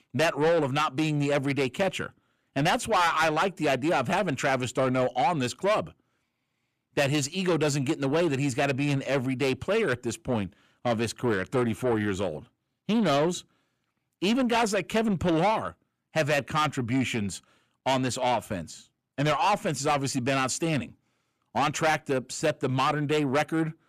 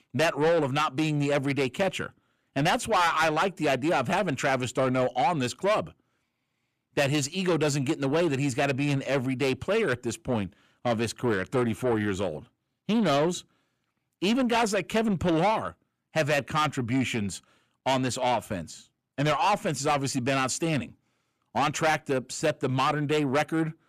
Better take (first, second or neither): neither